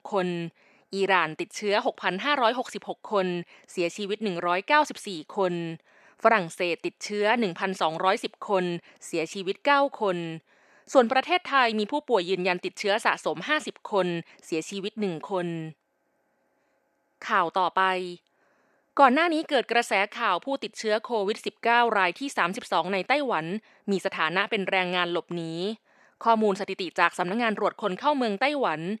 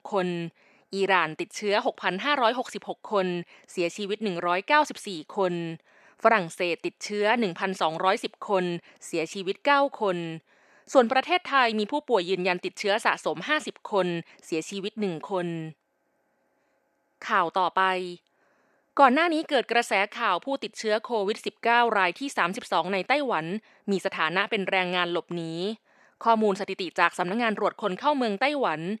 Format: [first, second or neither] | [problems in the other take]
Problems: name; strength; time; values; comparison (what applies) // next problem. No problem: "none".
neither | thin; very; fading below 500 Hz; the same in both